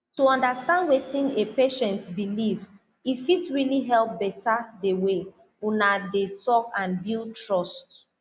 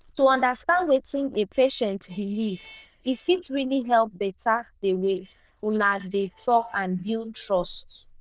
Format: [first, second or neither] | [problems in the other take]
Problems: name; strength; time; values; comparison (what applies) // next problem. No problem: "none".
first | noise reduction (neural diffusion model UNIVERSE++)